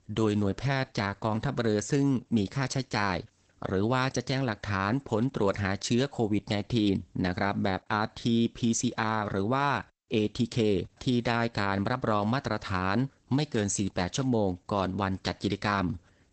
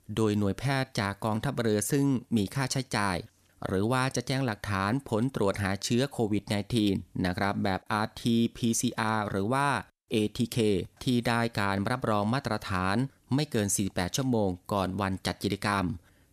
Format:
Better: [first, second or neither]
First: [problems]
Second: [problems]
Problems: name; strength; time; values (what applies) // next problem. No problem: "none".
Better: second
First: garbled, watery; badly; nothing above 8 kHz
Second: none